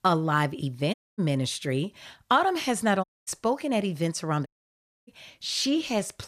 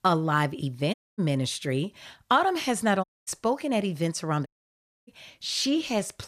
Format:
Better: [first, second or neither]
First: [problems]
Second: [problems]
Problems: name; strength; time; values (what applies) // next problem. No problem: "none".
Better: neither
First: audio cutting out; at 1 s, at 3 s and at 4.5 s for 0.5 s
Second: audio cutting out; at 1 s, at 3 s and at 4.5 s for 0.5 s